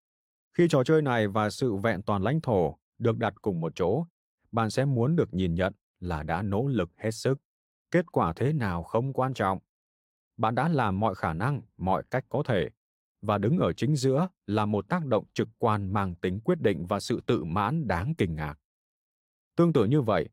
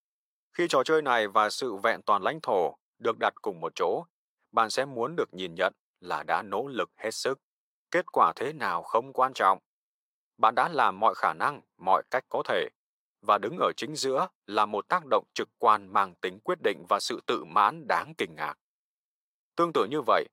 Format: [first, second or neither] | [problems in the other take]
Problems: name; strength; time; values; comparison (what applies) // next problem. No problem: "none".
first | thin; very; fading below 500 Hz